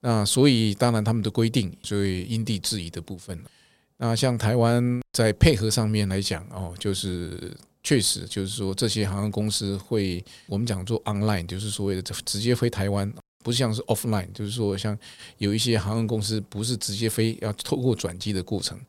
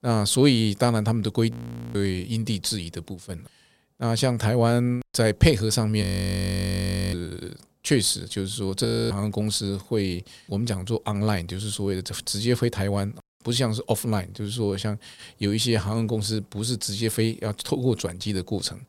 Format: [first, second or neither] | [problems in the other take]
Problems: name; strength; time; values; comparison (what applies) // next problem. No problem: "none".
first | audio freezing; at 1.5 s, at 6 s for 1 s and at 9 s